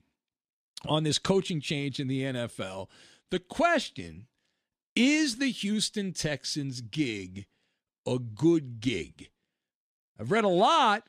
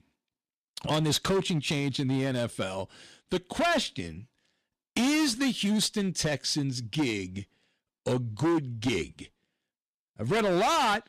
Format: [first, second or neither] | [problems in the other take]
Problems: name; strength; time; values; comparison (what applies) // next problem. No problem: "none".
first | distortion; heavy; 11% of the sound clipped